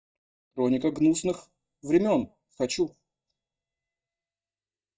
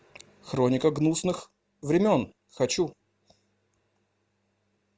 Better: second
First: noise reduction (neural mask model DeepFilterNet 3)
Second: none

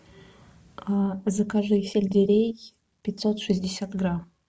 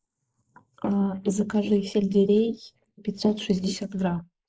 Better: first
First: none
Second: noise reduction (neural mask model Resemble Enhance denoiser)

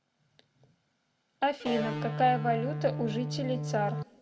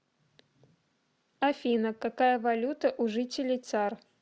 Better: second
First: background sound (Electric guitar); 2 dB below the speech // room echo; dies away in 1.3 s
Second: none

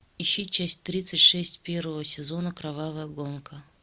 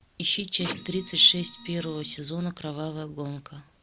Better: first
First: none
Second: background sound (Printer); 12 dB below the speech

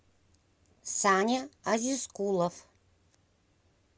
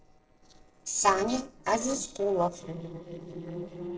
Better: first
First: none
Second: noise reduction (neural separator model SepFormer DNS4)

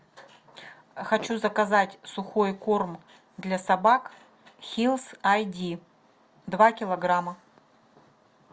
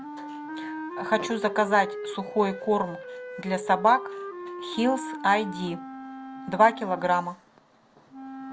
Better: first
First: none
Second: background sound (Wind instrument, woodwind instrument); 10 dB below the speech

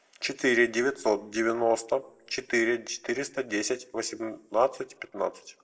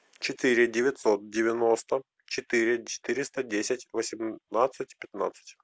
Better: second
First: room echo; dies away in 0.3 s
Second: none

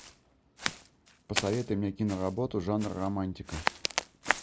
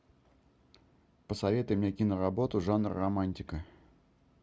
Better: second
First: background sound (Walk, footsteps); 4 dB below the speech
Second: none

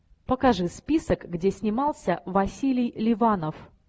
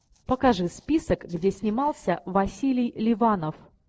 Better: first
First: none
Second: noise reduction (neural separator model SepFormer DNS4)

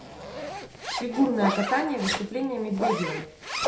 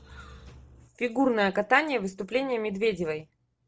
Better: second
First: background sound (Zipper (clothing)); 4 dB below the speech // room echo; dies away in 0.5 s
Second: none

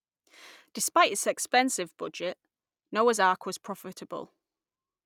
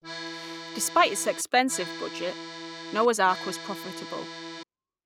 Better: first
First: none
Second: background sound (Accordion); 10 dB below the speech

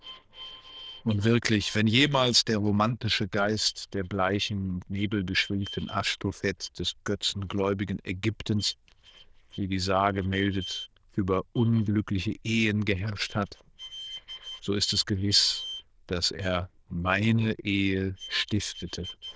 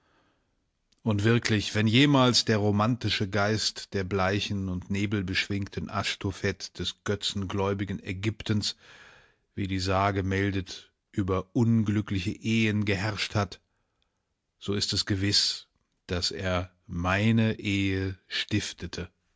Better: second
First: noise reduction (neural diffusion model UNIVERSE++)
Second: none

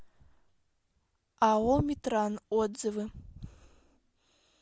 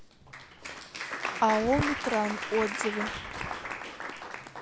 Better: first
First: none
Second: background sound (Applause); 4 dB below the speech

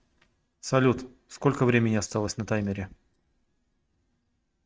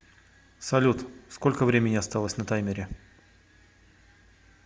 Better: second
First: noise reduction (neural mask model RNNoise)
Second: none

